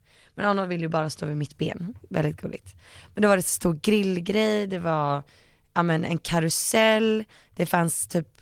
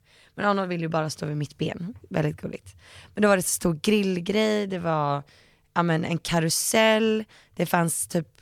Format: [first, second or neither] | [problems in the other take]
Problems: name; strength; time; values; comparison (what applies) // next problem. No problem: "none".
second | garbled, watery; slightly; nothing above 18.5 kHz